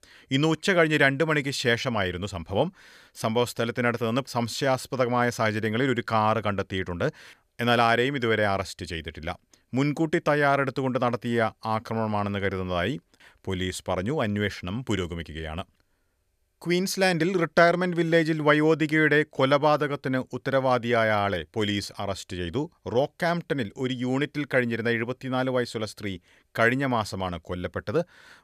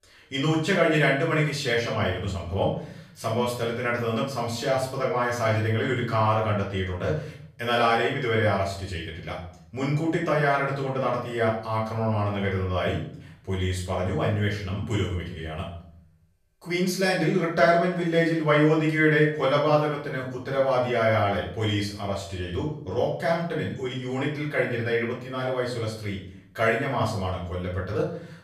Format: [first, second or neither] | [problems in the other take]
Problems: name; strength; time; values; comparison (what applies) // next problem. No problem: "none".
first | off-mic speech; far // room echo; noticeable; dies away in 0.5 s